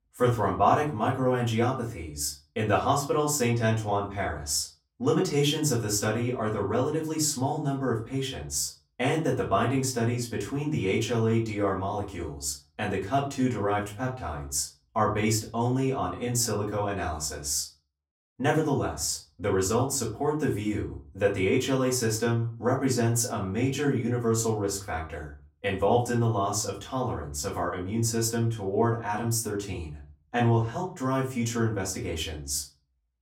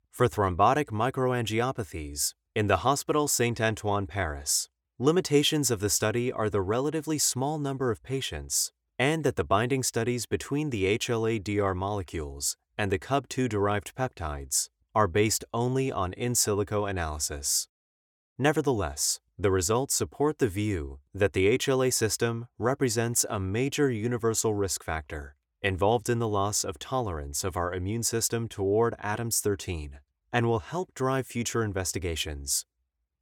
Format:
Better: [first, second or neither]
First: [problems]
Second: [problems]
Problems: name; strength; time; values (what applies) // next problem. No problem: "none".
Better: second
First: off-mic speech; far // room echo; slight; dies away in 0.3 s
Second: none